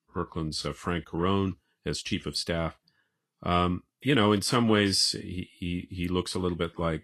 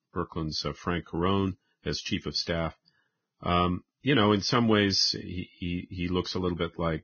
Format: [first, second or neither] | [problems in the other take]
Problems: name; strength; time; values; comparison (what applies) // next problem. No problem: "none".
first | garbled, watery; badly; nothing above 5.5 kHz; slightly in the first